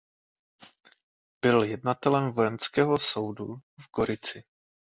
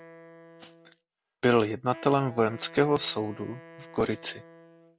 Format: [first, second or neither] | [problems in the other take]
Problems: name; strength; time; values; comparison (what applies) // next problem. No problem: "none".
first | background sound (Wind instrument, woodwind instrument); 20 dB below the speech